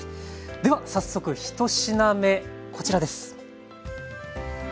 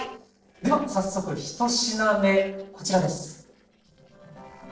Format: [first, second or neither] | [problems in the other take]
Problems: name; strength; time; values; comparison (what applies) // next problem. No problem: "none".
first | noise reduction (neural separator model SepFormer DNS4)